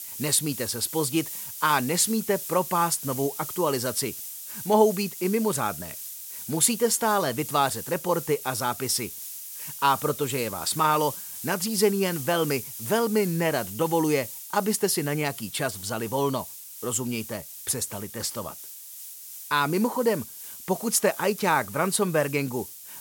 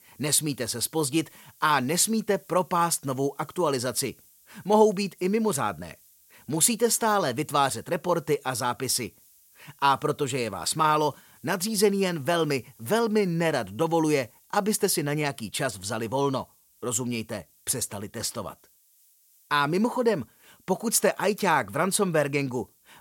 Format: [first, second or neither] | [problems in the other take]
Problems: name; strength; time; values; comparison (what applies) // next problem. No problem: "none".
second | hiss; loud; throughout; 10 dB below the speech; faint in the second